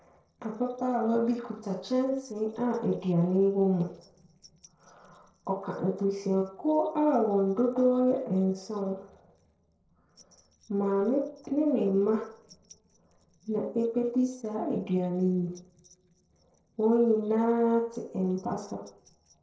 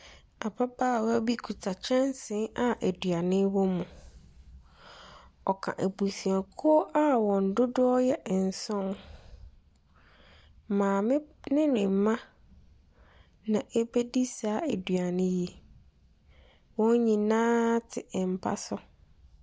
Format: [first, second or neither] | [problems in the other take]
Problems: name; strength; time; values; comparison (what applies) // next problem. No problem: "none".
second | noise reduction (neural separator model SepFormer DNS4)